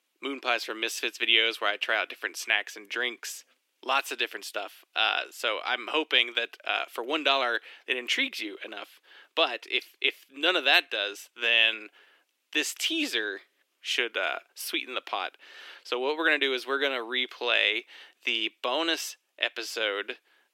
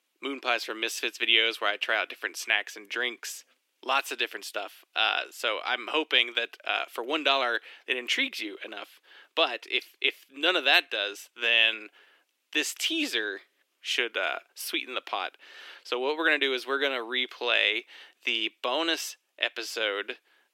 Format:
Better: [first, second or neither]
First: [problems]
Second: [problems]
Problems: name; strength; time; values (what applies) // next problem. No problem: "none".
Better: neither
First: thin; very; fading below 350 Hz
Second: thin; very; fading below 350 Hz